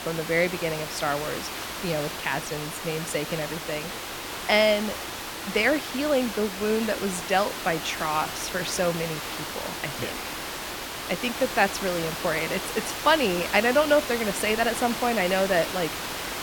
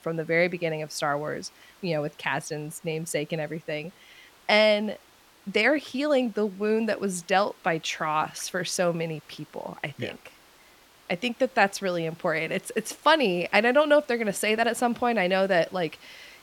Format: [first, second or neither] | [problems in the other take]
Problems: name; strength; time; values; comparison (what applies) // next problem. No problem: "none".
second | hiss; loud; throughout; 6 dB below the speech; faint in the second